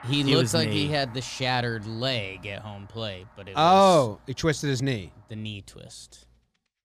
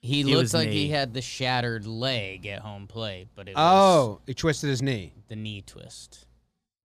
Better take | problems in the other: second | background music; faint; throughout; 25 dB below the speech

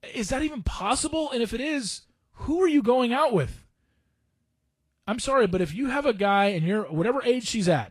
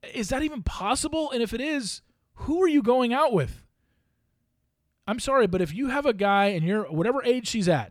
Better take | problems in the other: second | garbled, watery; slightly; nothing above 10 kHz

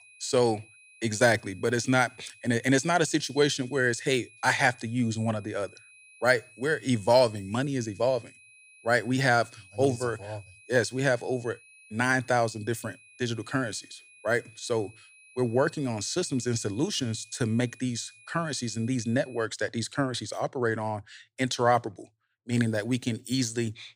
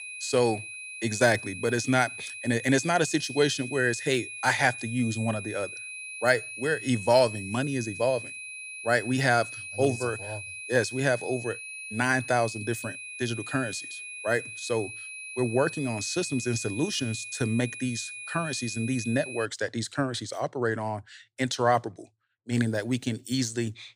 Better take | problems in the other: first | high-pitched whine; loud; until 19 s; 2.5 kHz, 9 dB below the speech; faint in the first

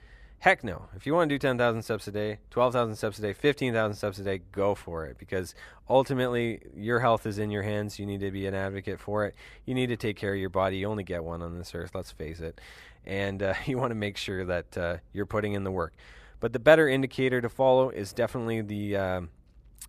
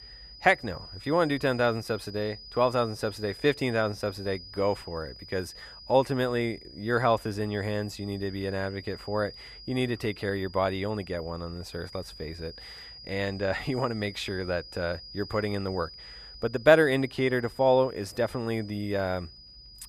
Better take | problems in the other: first | high-pitched whine; noticeable; throughout; 5 kHz, 15 dB below the speech

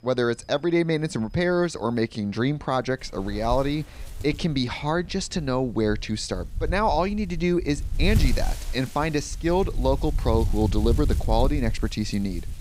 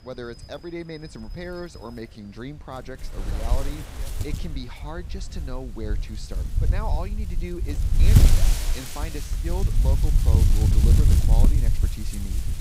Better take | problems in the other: first | wind noise on the microphone; heavy; 2 dB above the speech; occasional gusts in the first

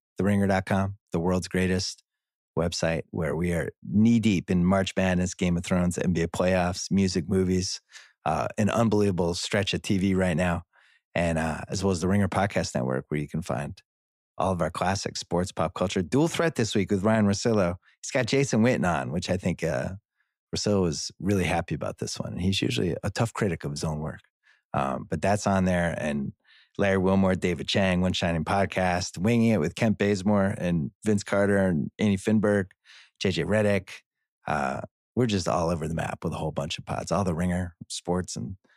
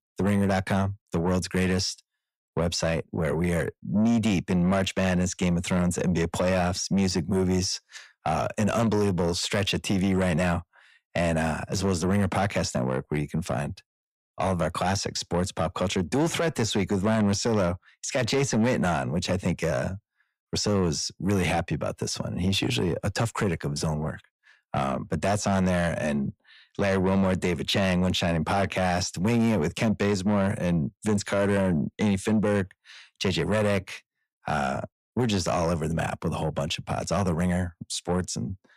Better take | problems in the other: first | distortion; slight; 10 dB below the speech

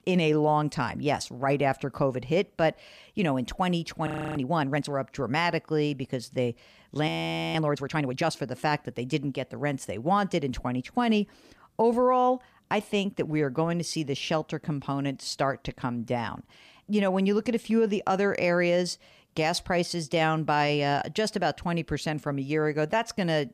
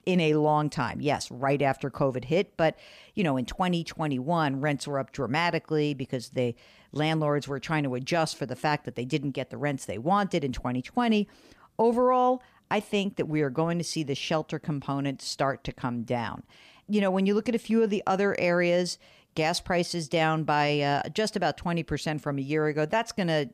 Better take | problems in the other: second | audio freezing; at 4 s and at 7 s

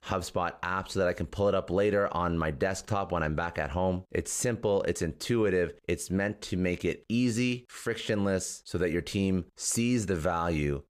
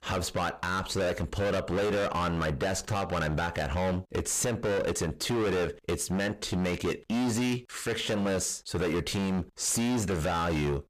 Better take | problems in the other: first | distortion; heavy; 29% of the sound clipped

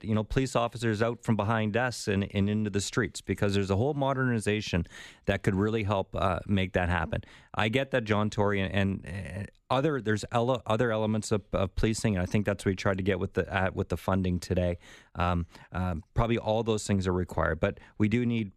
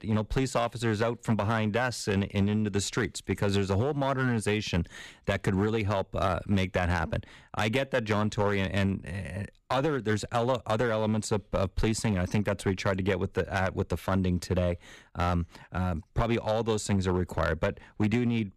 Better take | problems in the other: first | distortion; slight; 5% of the sound clipped

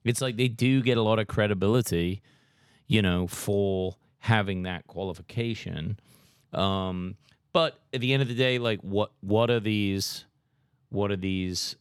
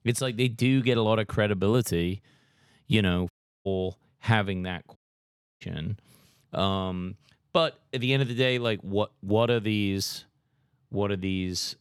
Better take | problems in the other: first | audio cutting out; at 3.5 s and at 5 s for 0.5 s

